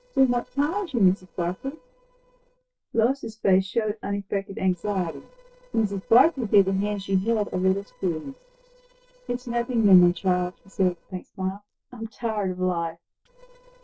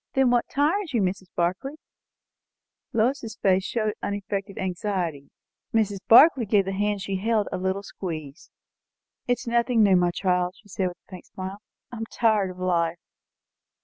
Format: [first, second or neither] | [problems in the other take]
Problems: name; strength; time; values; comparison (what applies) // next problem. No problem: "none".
second | noise reduction (neural separator model SepFormer DNS4)